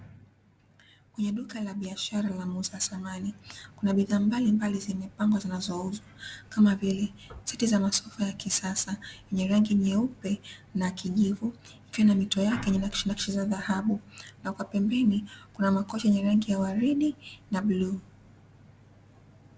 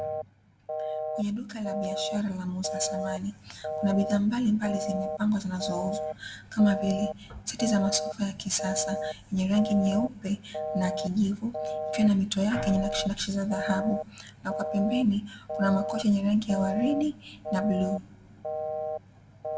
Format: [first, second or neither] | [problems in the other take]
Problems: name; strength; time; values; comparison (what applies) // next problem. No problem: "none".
first | background sound (Telephone); 6 dB below the speech // room echo; dies away in 1.1 s